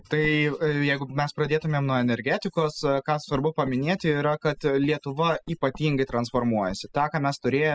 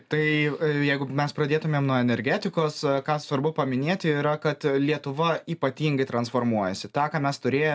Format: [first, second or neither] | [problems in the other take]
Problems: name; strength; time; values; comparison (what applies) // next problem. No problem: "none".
second | noise reduction (classical method spectral subtraction)